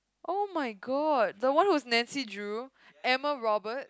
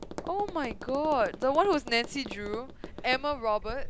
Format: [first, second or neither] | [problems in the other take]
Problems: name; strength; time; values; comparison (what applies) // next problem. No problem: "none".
first | background sound (Tap); 10 dB below the speech